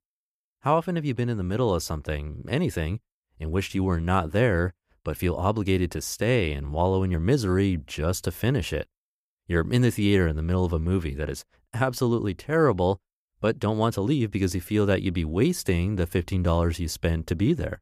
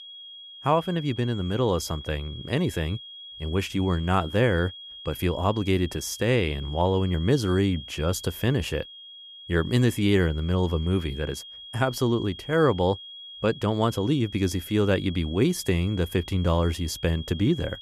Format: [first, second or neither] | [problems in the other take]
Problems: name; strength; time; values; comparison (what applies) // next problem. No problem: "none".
first | high-pitched whine; noticeable; throughout; 3.5 kHz, 15 dB below the speech